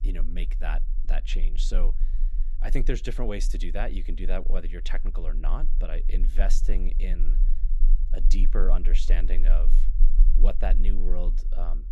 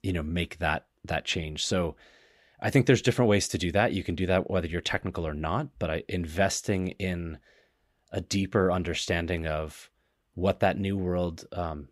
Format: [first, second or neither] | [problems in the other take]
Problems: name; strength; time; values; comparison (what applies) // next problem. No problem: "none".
second | low rumble; noticeable; throughout; 15 dB below the speech